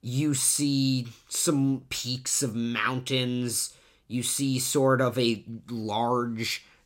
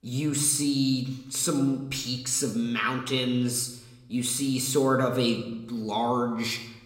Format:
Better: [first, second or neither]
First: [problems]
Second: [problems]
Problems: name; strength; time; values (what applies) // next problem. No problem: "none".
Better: first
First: none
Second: room echo; slight; dies away in 0.8 s